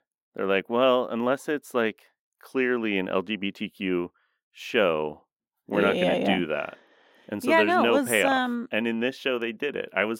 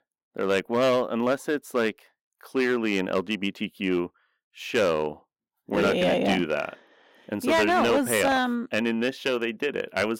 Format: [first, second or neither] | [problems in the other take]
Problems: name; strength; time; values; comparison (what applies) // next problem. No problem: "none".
first | distortion; slight; 5% of the sound clipped